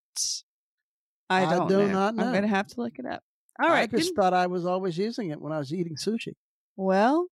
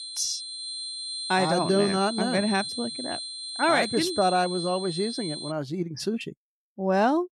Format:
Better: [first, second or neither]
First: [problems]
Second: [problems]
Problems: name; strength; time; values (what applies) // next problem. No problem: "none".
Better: first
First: none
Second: high-pitched whine; loud; until 5.5 s; 4 kHz, 6 dB below the speech